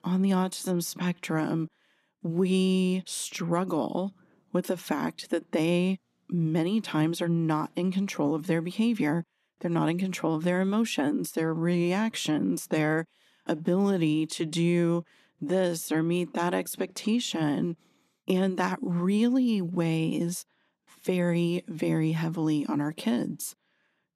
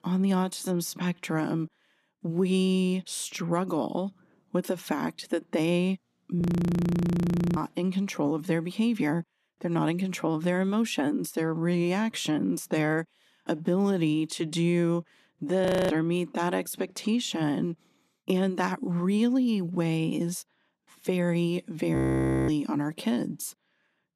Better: first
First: none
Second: audio freezing; at 6.5 s for 1 s, at 16 s and at 22 s for 0.5 s

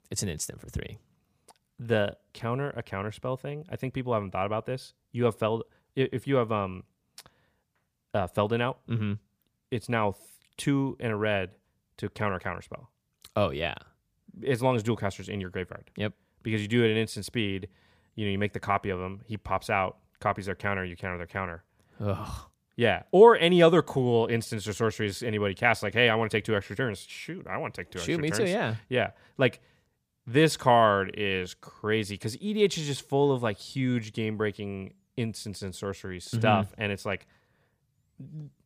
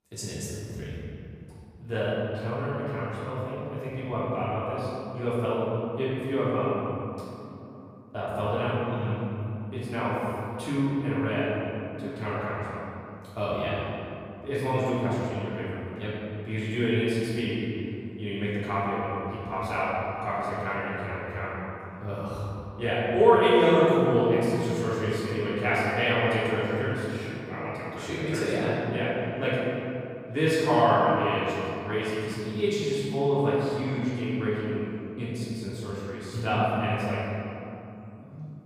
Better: first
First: none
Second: off-mic speech; far // room echo; strong; dies away in 2.8 s

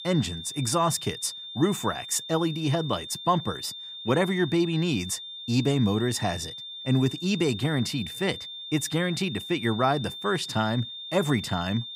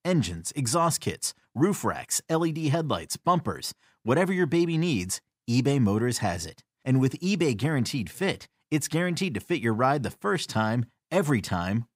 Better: second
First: high-pitched whine; loud; throughout; 3.5 kHz, 9 dB below the speech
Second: none

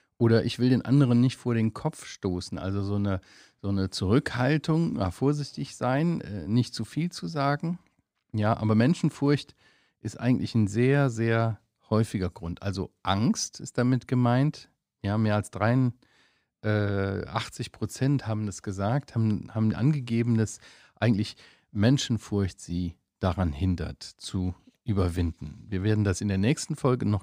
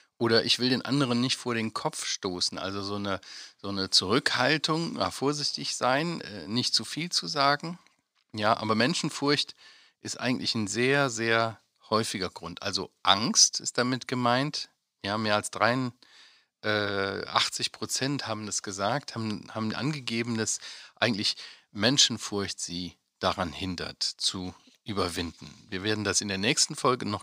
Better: first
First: none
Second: thin; somewhat; fading below 700 Hz

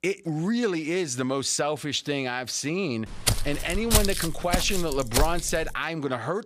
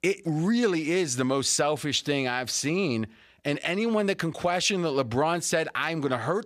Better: second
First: footsteps; loud; from 3 to 5.5 s; peak 4 dB above the speech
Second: none

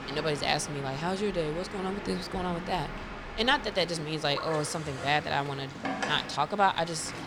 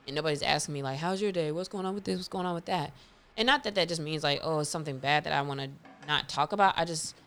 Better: second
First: train or aircraft noise; loud; throughout; 9 dB below the speech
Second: train or aircraft noise; faint; throughout; 30 dB below the speech

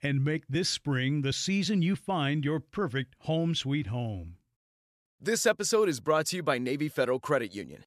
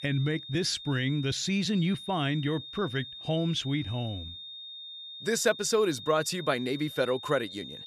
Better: first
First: none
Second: high-pitched whine; noticeable; throughout; 3.5 kHz, 10 dB below the speech

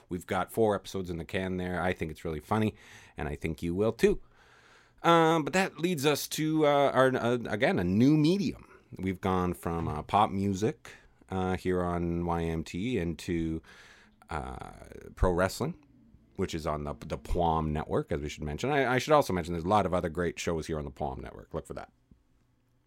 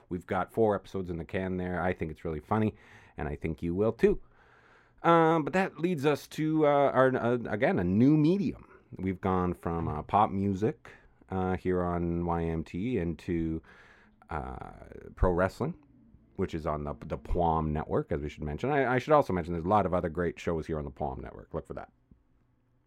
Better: first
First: none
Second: muffled; slightly; fading above 3 kHz

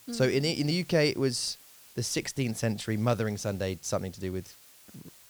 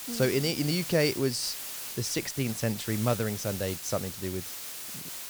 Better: first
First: hiss; faint; throughout; 20 dB below the speech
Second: hiss; loud; throughout; 6 dB below the speech

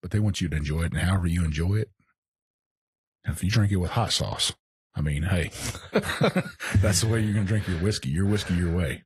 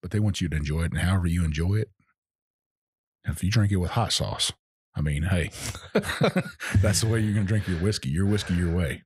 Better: second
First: garbled, watery; slightly; nothing above 12 kHz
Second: none

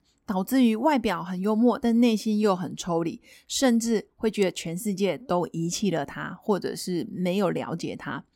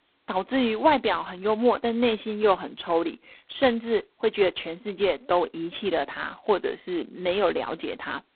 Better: first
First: none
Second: phone-call audio; poor line; nothing above 4 kHz

